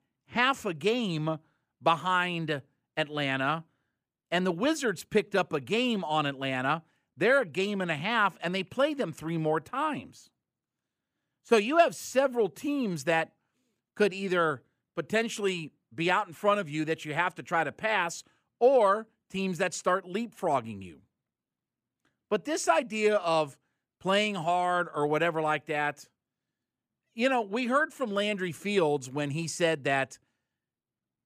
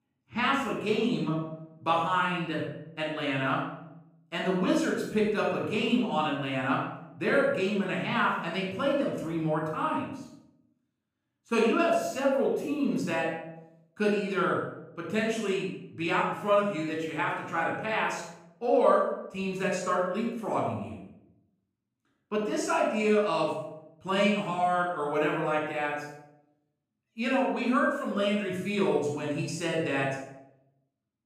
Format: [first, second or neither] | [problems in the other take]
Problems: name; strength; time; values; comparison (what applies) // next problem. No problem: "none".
first | off-mic speech; far // room echo; noticeable; dies away in 0.7 s